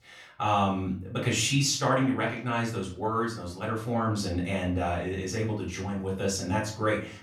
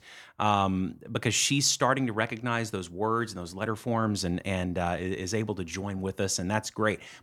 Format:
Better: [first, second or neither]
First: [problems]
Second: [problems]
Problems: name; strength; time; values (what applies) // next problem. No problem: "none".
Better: second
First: off-mic speech; far // room echo; slight; dies away in 0.4 s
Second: none